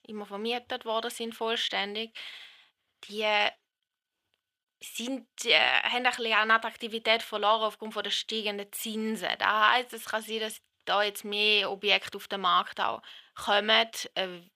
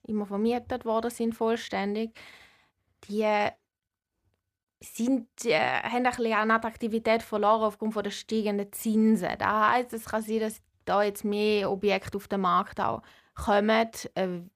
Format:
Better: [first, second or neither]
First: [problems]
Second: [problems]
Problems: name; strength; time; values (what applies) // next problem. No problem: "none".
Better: second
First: thin; somewhat; fading below 750 Hz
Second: none